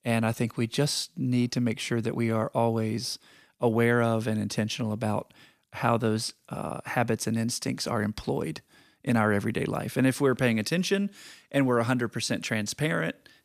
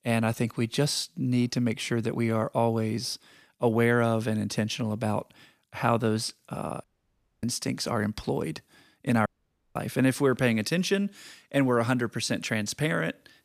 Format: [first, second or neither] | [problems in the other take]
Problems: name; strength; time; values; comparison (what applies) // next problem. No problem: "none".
first | audio cutting out; at 7 s for 0.5 s and at 9.5 s